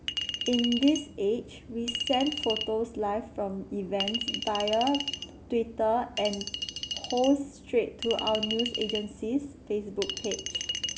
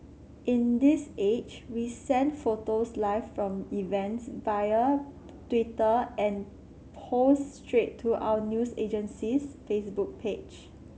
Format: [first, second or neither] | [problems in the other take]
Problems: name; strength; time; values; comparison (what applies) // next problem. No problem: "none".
second | background sound (Chink, clink); 6 dB below the speech